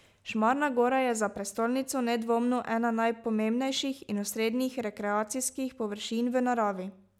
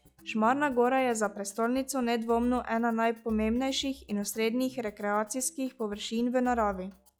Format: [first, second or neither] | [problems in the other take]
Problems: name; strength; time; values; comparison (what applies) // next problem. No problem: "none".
first | noise reduction (classical method log-MMSE)